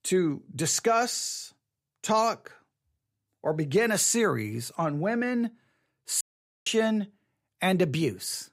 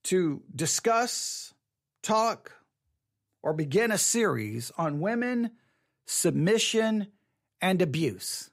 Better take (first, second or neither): second